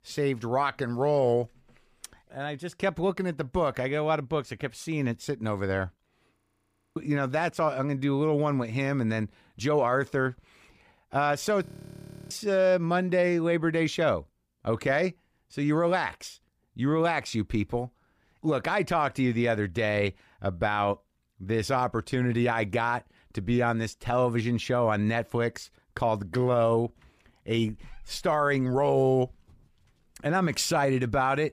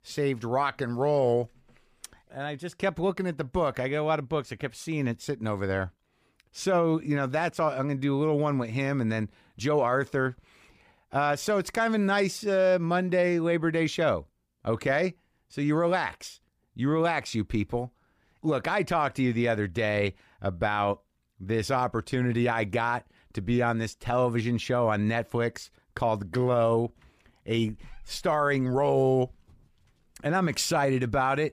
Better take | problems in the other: second | audio freezing; at 6.5 s for 0.5 s and at 12 s for 0.5 s

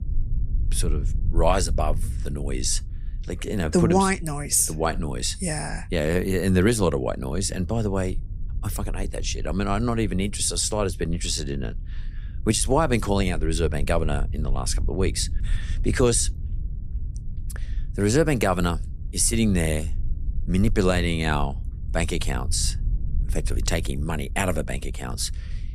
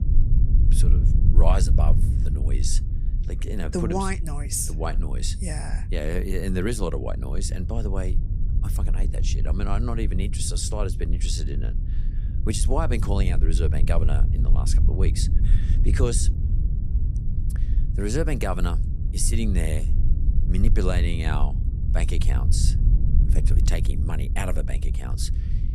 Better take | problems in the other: first | low rumble; loud; throughout; 9 dB below the speech; faint in the first

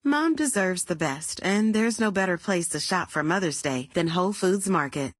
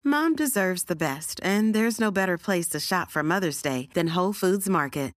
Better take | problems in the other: second | garbled, watery; slightly; nothing above 10.5 kHz

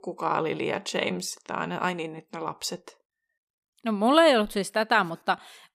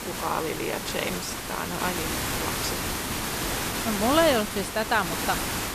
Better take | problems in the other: first | hiss; loud; throughout; 1 dB below the speech

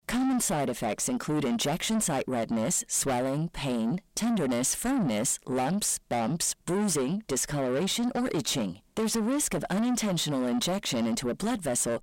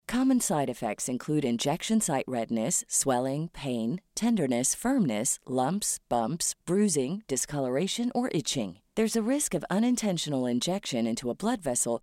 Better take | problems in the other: second | distortion; heavy; 7 dB below the speech

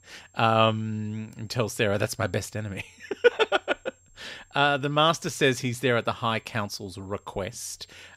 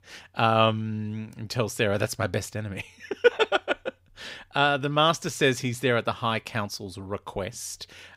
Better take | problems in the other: second | high-pitched whine; faint; throughout; 7.5 kHz, 35 dB below the speech

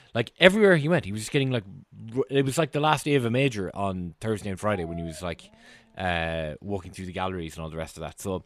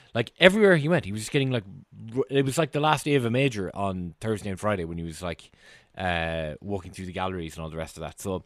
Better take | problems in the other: second | dog barking; faint; from 4.5 to 6 s; peak 15 dB below the speech

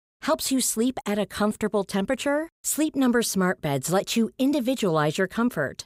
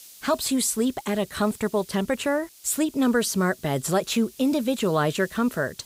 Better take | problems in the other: first | hiss; faint; throughout; 20 dB below the speech

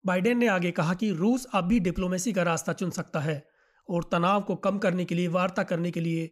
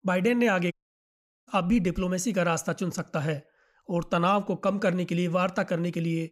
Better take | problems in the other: first | audio cutting out; at 0.5 s for 1 s

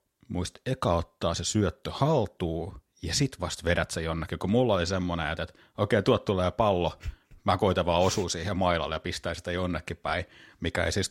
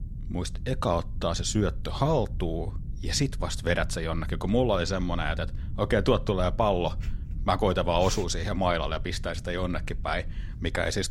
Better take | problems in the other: first | low rumble; faint; throughout; 25 dB below the speech

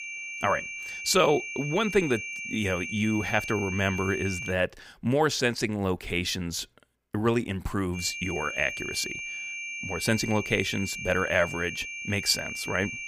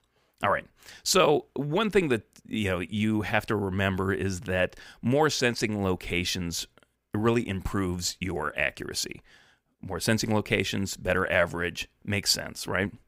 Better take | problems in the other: second | high-pitched whine; loud; until 4.5 s and from 8 s on; 2.5 kHz, 6 dB below the speech

